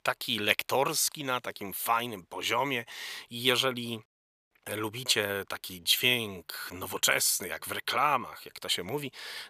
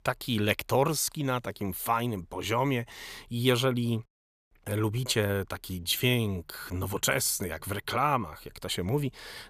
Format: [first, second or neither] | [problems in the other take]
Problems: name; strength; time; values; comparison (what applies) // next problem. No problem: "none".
second | thin; somewhat; fading below 600 Hz